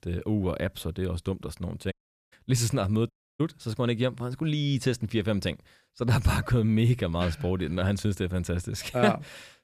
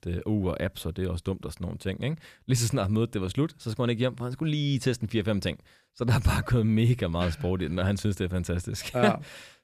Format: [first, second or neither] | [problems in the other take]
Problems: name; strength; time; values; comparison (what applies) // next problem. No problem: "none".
second | audio cutting out; at 2 s and at 3 s